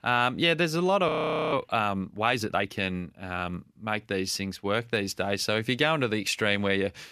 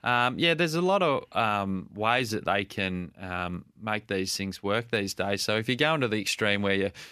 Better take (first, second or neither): second